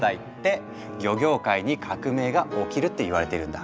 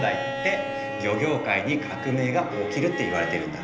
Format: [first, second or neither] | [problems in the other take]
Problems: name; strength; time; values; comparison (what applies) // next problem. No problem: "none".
first | background sound (Bowed string instrument); 7 dB below the speech // room echo; dies away in 0.8 s